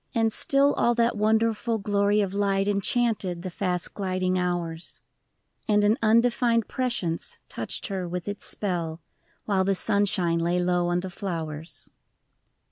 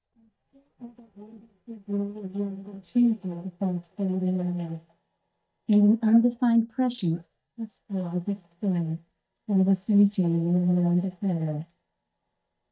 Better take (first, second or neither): first